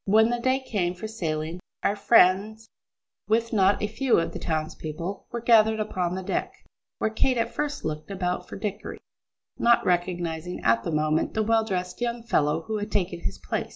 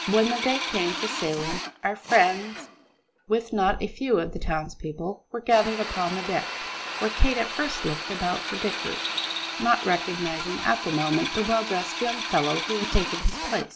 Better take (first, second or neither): first